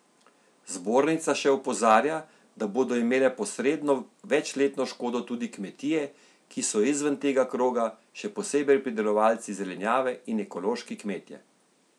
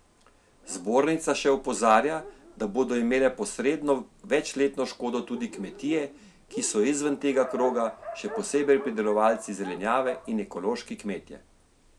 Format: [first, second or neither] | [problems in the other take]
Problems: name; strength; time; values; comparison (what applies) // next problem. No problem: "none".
first | background sound (Dog); 16 dB below the speech